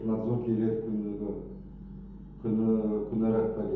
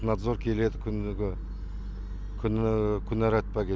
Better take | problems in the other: second | room echo; dies away in 1 s

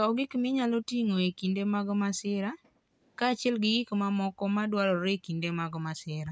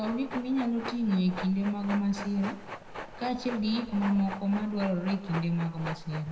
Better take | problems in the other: first | background sound (Train); 11 dB below the speech // room echo; dies away in 0.8 s

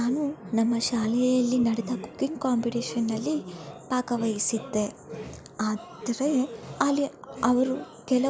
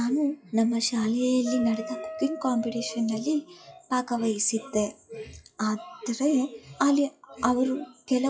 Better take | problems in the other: first | noise reduction (classical method WPE with log-MMSE)

